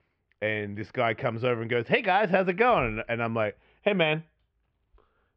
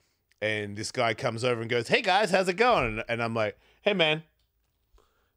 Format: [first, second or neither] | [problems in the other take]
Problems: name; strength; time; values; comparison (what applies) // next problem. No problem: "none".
second | muffled; very; fading above 3 kHz